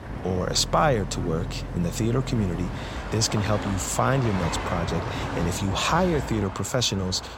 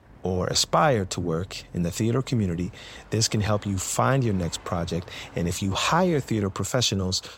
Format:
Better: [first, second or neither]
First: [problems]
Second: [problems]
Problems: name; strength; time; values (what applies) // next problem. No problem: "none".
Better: second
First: train or aircraft noise; loud; throughout; 7 dB below the speech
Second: train or aircraft noise; faint; throughout; 25 dB below the speech